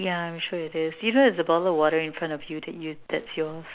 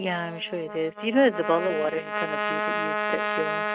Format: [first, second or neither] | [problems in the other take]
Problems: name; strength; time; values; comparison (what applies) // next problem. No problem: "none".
first | noise reduction (neural mask model RNNoise)